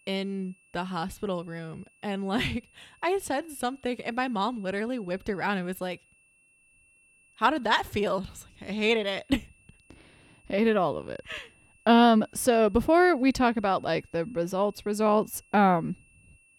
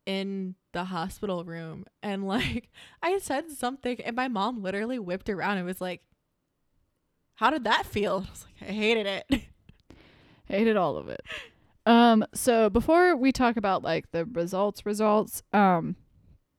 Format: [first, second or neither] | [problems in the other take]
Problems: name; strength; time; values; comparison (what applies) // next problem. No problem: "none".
second | high-pitched whine; faint; throughout; 2.5 kHz, 35 dB below the speech